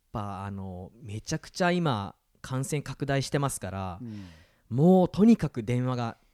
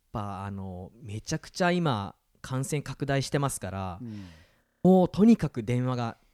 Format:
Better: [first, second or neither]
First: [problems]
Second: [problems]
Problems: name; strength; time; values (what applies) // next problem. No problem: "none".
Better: first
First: none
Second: audio freezing; at 4.5 s